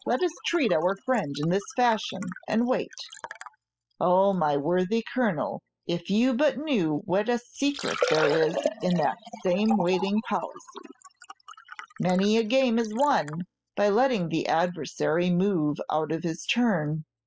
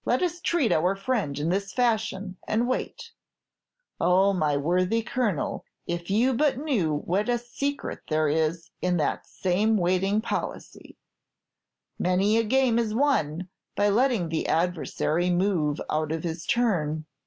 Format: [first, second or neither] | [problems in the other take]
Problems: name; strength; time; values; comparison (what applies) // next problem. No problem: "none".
second | noise reduction (classical method spectral subtraction)